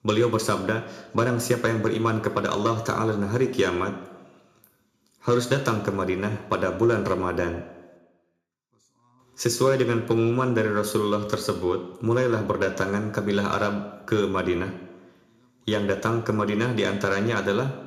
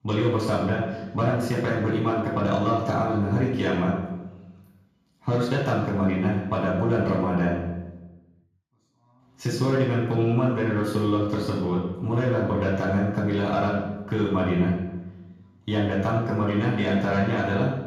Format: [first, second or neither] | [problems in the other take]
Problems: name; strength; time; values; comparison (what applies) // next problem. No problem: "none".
first | room echo; strong; dies away in 1.3 s; slight in the first // off-mic speech; far